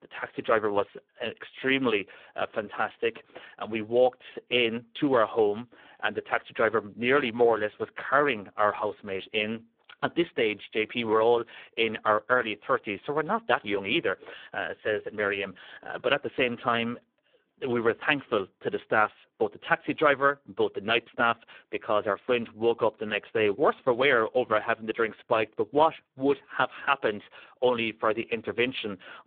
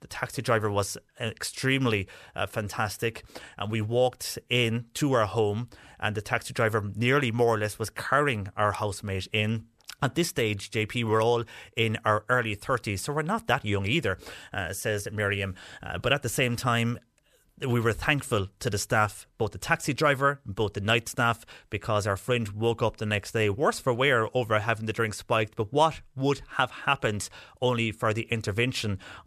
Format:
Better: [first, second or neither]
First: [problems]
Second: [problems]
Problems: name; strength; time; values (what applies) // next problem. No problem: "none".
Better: second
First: phone-call audio; poor line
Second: none